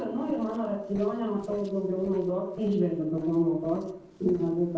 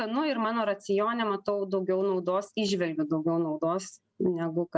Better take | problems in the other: second | noise reduction (neural separator model SepFormer DNS4)

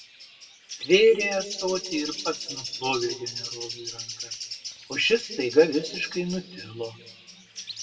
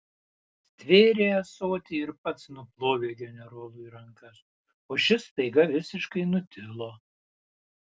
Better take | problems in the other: second | background sound (Bird); 10 dB below the speech // room echo; dies away in 1.6 s

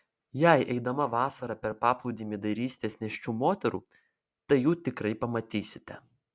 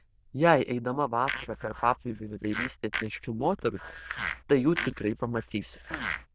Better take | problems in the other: first | noise reduction (neural diffusion model UNIVERSE++)

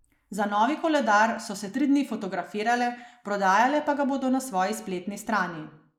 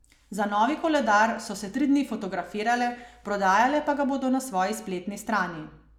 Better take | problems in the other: second | noise reduction (neural mask model Resemble Enhance denoiser)

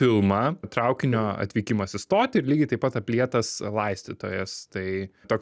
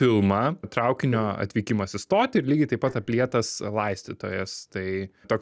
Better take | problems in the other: first | background sound (Tap); 20 dB below the speech

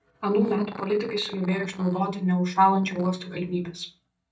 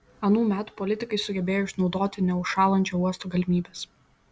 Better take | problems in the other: second | noise reduction (neural mask model DeepFilterNet 3)

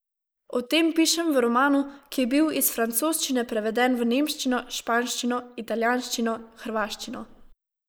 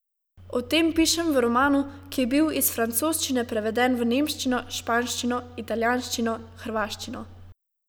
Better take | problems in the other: second | noise reduction (neural mask model Resemble Enhance denoiser)

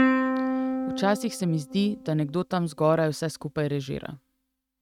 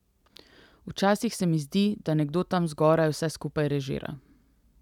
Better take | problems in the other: second | noise reduction (neural mask model RNNoise)

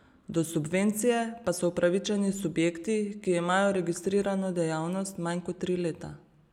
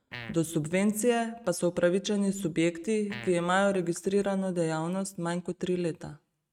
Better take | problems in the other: first | noise reduction (neural mask model RNNoise)

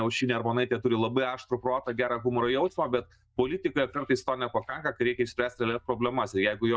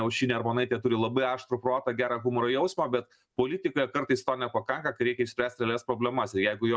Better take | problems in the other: second | noise reduction (neural mask model DeepFilterNet 3)

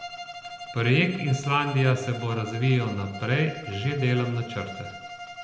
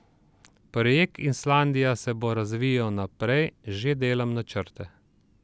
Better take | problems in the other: second | background sound (Bowed string instrument); 13 dB below the speech // room echo; dies away in 0.8 s

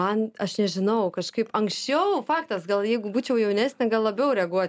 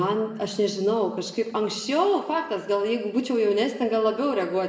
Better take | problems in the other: first | room echo; dies away in 0.9 s

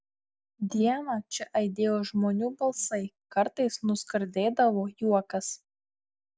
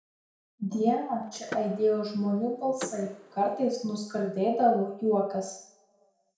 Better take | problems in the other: first | background sound (Door / Car); 17 dB below the speech // room echo; dies away in 0.6 s

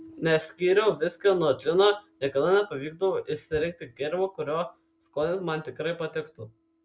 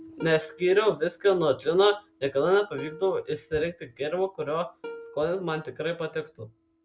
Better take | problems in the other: first | background sound (Plucked string instrument); 20 dB below the speech

